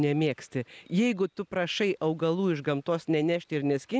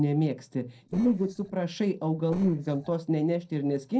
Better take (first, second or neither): first